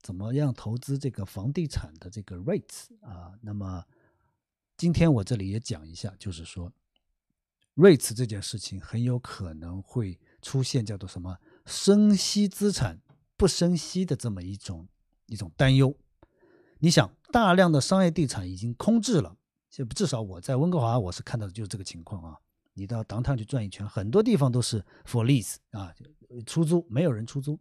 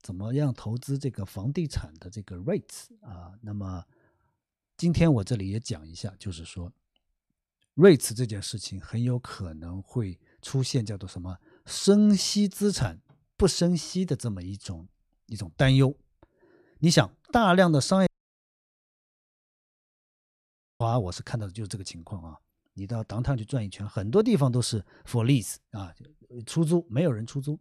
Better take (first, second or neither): first